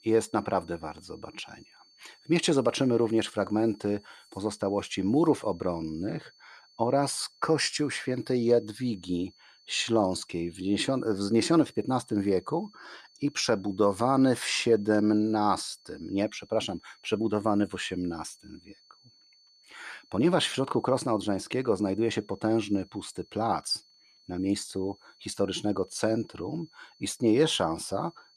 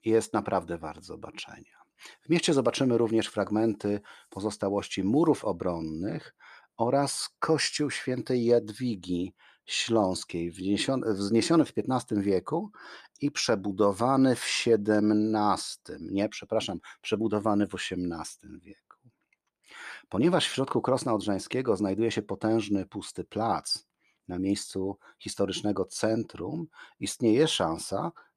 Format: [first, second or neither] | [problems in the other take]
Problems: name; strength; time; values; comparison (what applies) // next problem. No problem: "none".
second | high-pitched whine; faint; throughout; 4.5 kHz, 30 dB below the speech